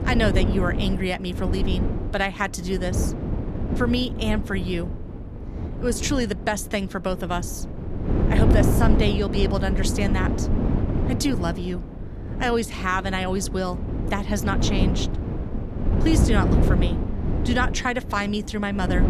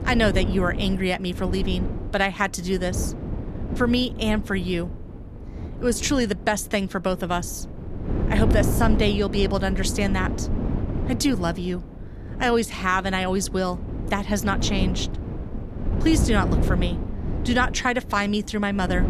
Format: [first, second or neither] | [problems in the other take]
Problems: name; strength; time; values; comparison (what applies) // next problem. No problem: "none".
second | wind noise on the microphone; heavy; 6 dB below the speech; occasional gusts in the second